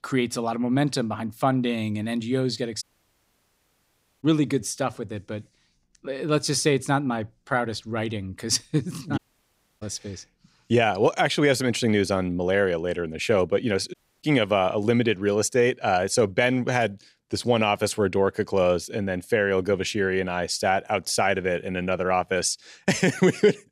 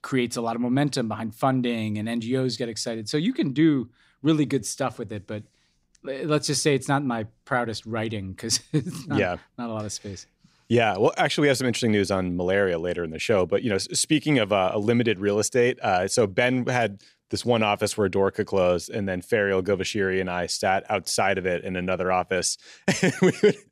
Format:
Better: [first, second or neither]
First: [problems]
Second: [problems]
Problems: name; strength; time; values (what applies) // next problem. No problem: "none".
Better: second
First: audio cutting out; at 3 s for 1.5 s, at 9 s for 0.5 s and at 14 s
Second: none